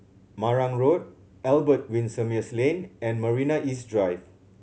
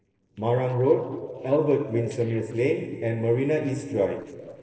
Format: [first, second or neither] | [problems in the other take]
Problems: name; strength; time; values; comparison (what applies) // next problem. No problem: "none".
first | noise reduction (neural separator model SepFormer DNS4)